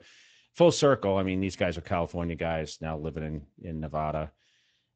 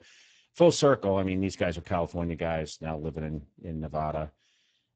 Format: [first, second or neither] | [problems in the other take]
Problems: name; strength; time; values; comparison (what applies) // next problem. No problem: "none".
first | garbled, watery; badly; nothing above 8 kHz; slightly in the first